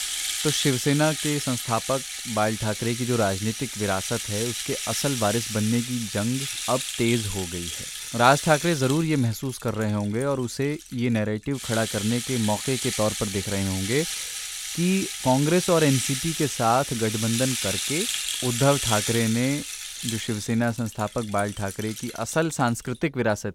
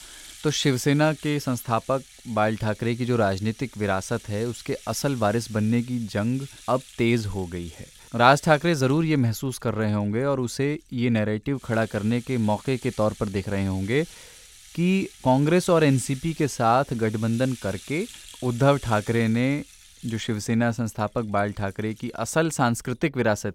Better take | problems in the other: second | background music; loud; throughout; 3 dB below the speech; faint in the second

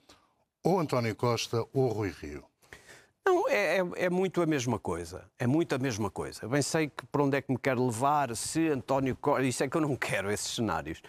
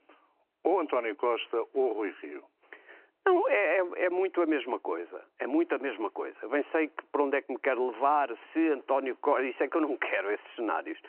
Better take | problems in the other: first | phone-call audio

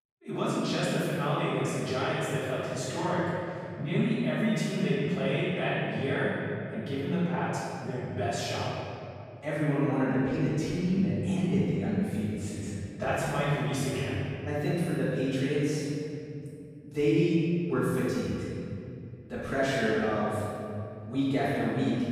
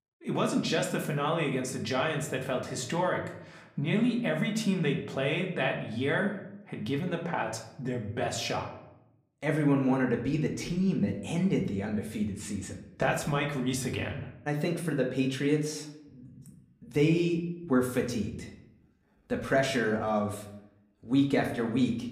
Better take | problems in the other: second | room echo; strong; dies away in 2.5 s; slight in the second // off-mic speech; far; somewhat distant in the second

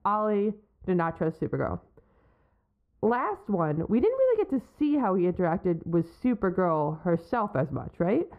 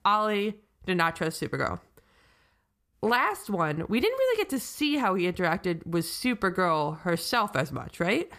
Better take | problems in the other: second | muffled; very; fading above 2 kHz

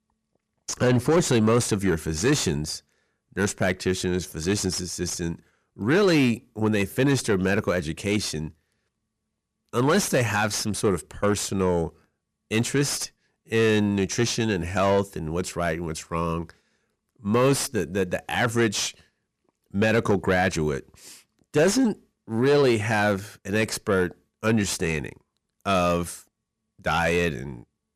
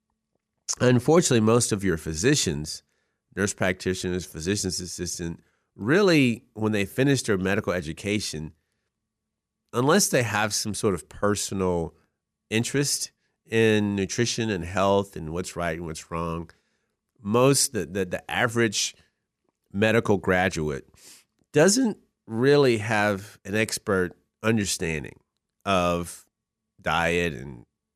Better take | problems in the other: second | distortion; slight; 10 dB below the speech

